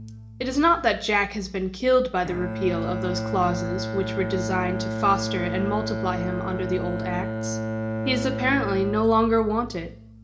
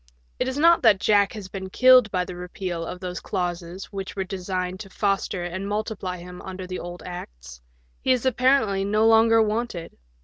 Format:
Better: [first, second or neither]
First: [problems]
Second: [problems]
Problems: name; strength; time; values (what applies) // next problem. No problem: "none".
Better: second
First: background sound (Bowed string instrument); 5 dB below the speech // room echo; dies away in 0.4 s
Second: none